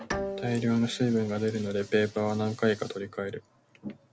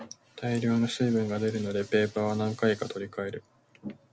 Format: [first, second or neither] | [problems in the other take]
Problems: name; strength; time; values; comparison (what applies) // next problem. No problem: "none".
second | background sound (Bowed string instrument); 12 dB below the speech